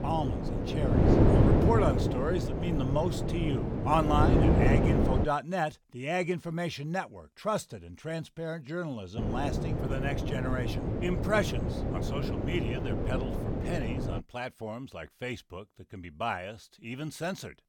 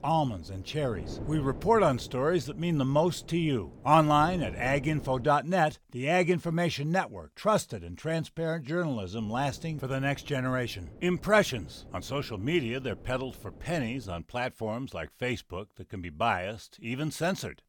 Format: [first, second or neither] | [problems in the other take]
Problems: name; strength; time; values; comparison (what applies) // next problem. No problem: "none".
second | wind noise on the microphone; heavy; until 5.5 s and from 9 to 14 s; as loud as the speech; occasional gusts in the second